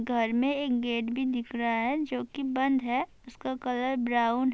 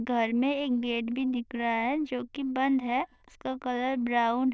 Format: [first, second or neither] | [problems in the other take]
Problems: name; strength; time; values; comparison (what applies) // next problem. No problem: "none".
first | noise reduction (neural diffusion model UNIVERSE++)